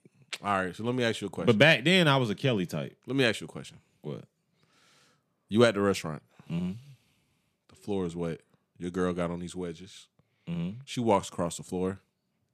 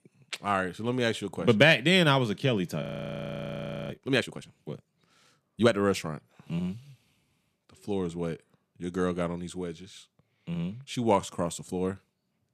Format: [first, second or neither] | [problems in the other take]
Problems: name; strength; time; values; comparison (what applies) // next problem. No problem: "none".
first | audio freezing; at 3 s for 1 s